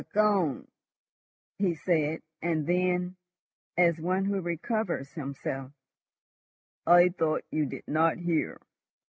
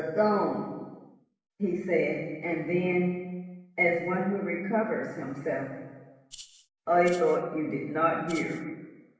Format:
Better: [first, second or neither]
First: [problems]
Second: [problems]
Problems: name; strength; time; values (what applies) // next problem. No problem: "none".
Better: first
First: none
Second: background sound (Rattle (instrument)); 19 dB below the speech // room echo; dies away in 1 s